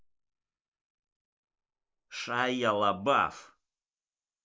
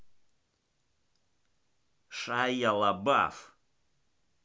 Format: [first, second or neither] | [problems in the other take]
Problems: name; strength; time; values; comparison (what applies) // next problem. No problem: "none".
second | noise reduction (neural mask model Resemble Enhance denoiser)